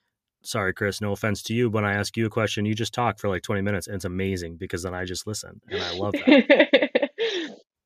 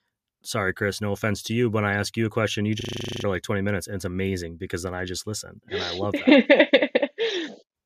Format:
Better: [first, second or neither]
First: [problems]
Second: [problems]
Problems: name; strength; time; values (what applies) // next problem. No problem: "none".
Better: first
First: none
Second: audio freezing; at 3 s